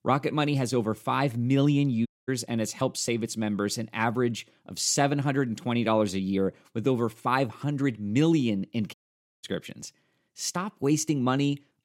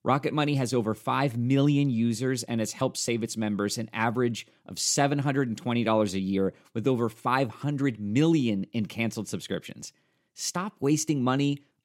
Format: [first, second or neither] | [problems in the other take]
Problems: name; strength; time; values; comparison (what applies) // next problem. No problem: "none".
second | audio cutting out; at 2 s and at 9 s